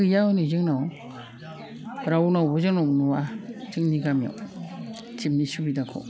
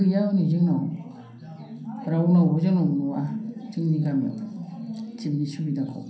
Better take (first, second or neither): first